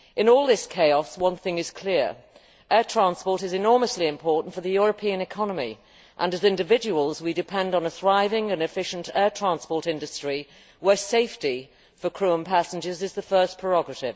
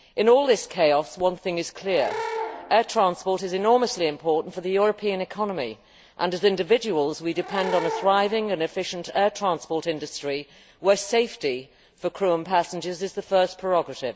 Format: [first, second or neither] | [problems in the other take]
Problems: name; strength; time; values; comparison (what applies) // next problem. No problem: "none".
first | background sound (Animal / Brass instrument); 12 dB below the speech